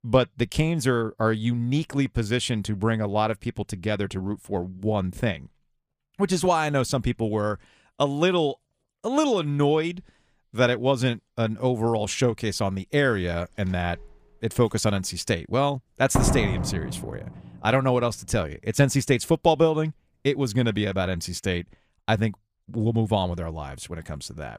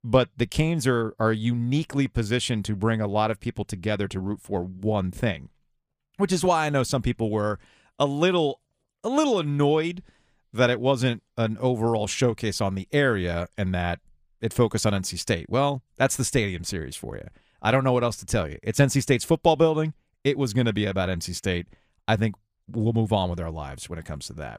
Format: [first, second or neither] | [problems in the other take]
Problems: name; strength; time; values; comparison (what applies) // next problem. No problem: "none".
second | door banging; loud; at 16 s; peak 2 dB above the speech